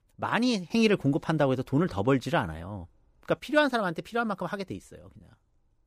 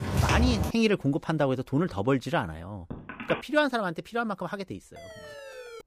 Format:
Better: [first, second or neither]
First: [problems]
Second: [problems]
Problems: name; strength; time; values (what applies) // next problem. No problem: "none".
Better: first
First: none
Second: footsteps; loud; at the start; peak 3 dB above the speech // phone ringing; noticeable; at 3 s; peak 8 dB below the speech // siren; faint; at 5 s; peak 15 dB below the speech